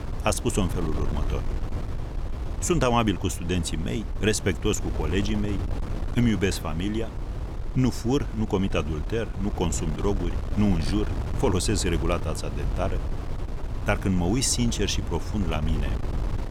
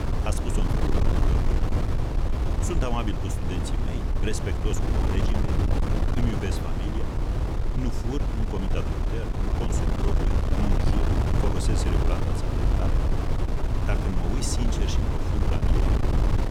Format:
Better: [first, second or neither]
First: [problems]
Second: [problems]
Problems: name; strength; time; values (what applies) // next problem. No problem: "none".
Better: first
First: wind noise on the microphone; occasional gusts; 10 dB below the speech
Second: wind noise on the microphone; heavy; 3 dB above the speech